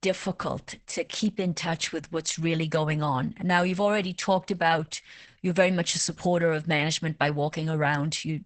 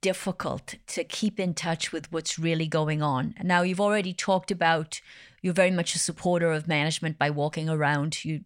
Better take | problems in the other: second | garbled, watery; badly; nothing above 8 kHz

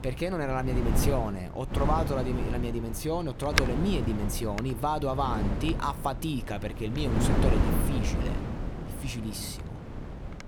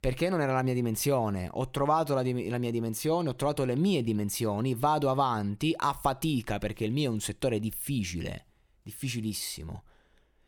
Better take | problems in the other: second | wind noise on the microphone; heavy; 3 dB below the speech

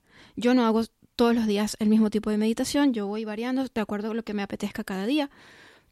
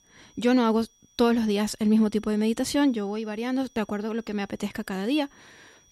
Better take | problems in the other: first | high-pitched whine; faint; throughout; 6 kHz, 35 dB below the speech

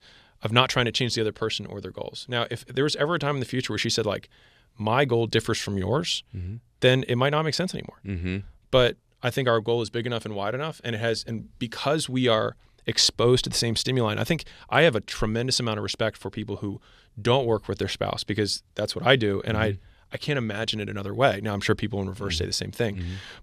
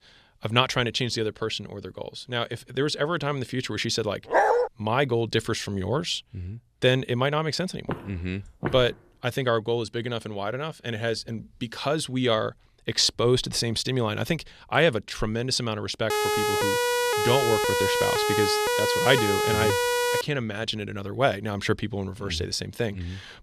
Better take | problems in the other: first | dog barking; loud; at 4.5 s; peak 6 dB above the speech // footsteps; noticeable; at 8 s; peak 6 dB below the speech // siren; loud; from 16 to 20 s; peak 3 dB above the speech

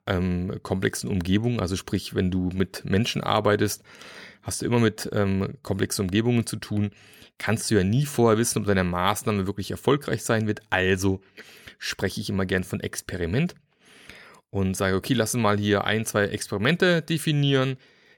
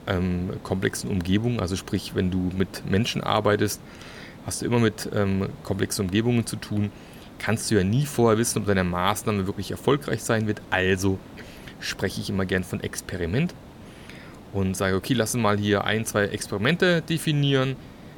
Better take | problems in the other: first | hiss; noticeable; throughout; 20 dB below the speech

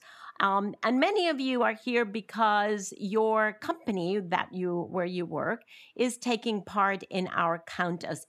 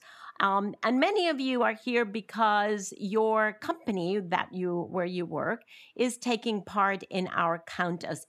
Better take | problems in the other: neither | none

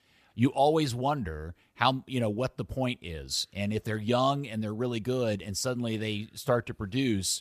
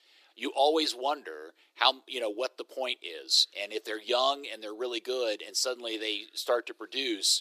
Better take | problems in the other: first | thin; very; fading below 300 Hz

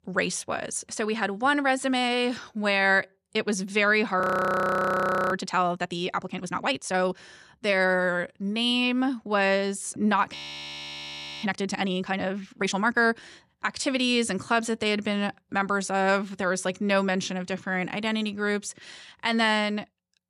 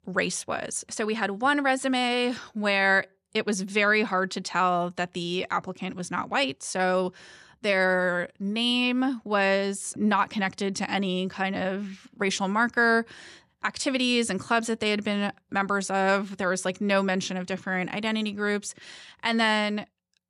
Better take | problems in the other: second | audio freezing; at 4 s for 1 s and at 10 s for 1 s

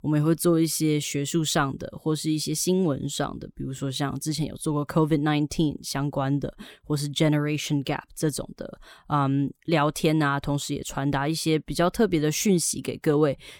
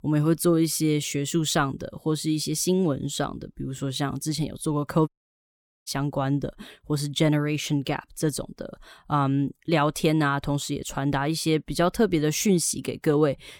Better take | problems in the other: first | audio cutting out; at 5 s for 1 s

